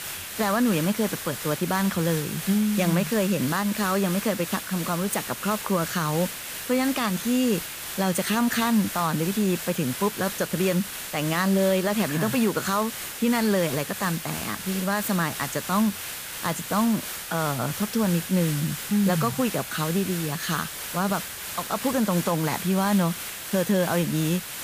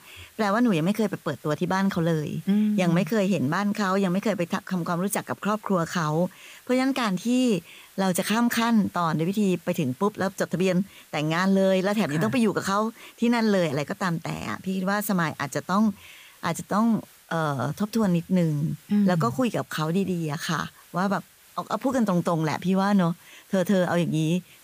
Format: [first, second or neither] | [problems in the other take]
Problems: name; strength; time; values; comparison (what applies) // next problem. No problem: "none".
second | hiss; loud; throughout; 7 dB below the speech; faint in the second